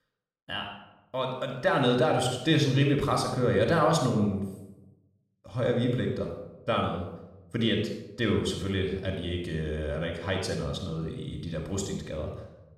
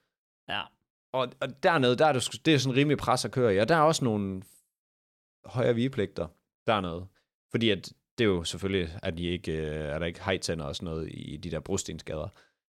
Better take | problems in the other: second | off-mic speech; somewhat distant // room echo; noticeable; dies away in 0.7 s

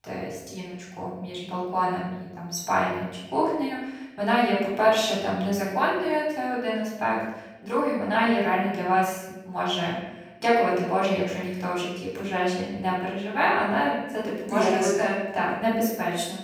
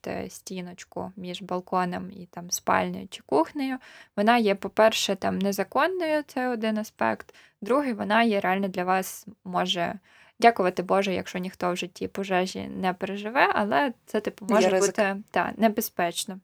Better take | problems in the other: second | off-mic speech; far // room echo; noticeable; dies away in 0.9 s

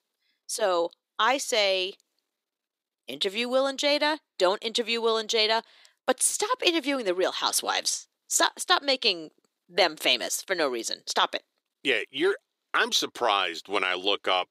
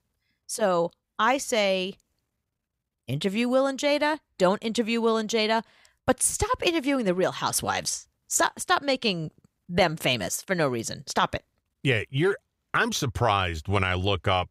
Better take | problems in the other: second | thin; somewhat; fading below 300 Hz

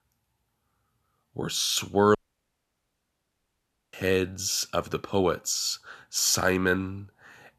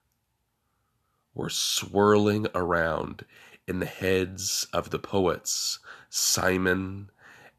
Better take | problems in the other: second | audio cutting out; at 2 s for 2 s

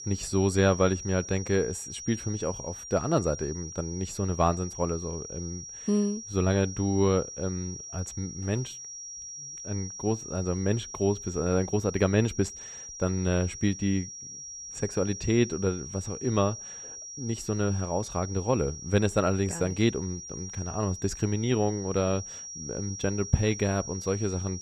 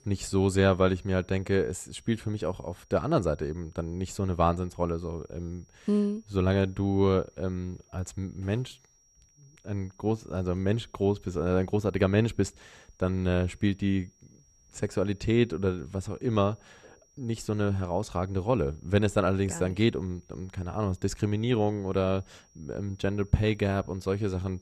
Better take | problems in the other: second | high-pitched whine; loud; throughout; 5.5 kHz, 10 dB below the speech; faint in the second

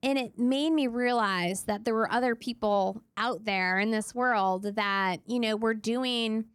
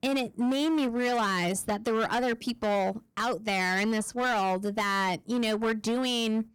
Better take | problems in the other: first | distortion; slight; 20% of the sound clipped

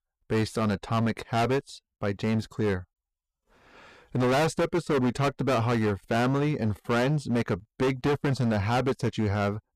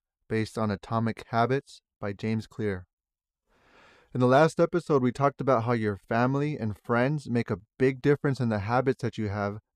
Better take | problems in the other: second | distortion; heavy; 16% of the sound clipped

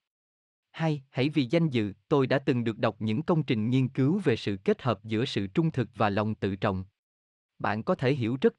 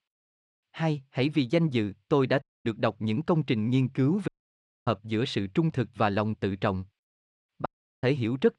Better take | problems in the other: first | audio cutting out; at 2.5 s, at 4.5 s for 0.5 s and at 7.5 s

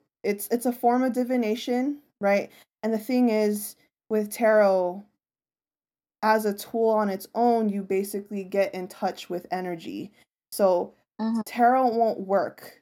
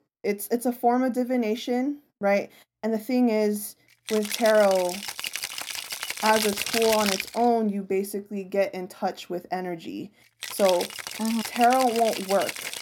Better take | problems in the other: first | background music; loud; from 3 s on; 5 dB below the speech

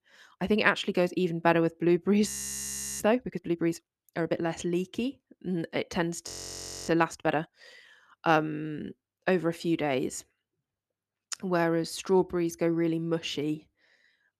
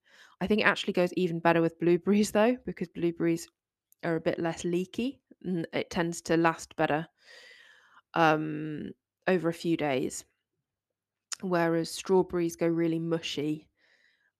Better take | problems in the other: second | audio freezing; at 2.5 s for 0.5 s and at 6.5 s for 0.5 s

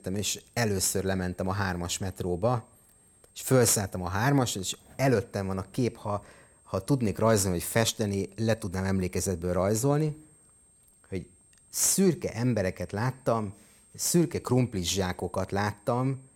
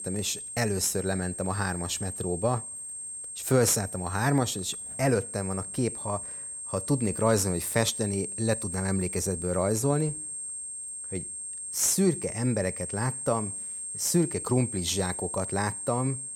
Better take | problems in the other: first | high-pitched whine; loud; throughout; 8.5 kHz, 6 dB below the speech; faint in the first

